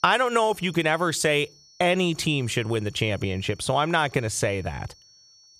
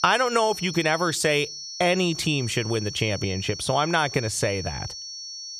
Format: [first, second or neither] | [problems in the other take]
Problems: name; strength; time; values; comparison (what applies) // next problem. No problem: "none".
first | high-pitched whine; loud; throughout; 5.5 kHz, 10 dB below the speech; faint in the first